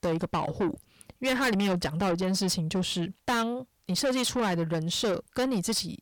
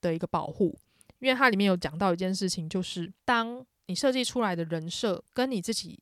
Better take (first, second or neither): second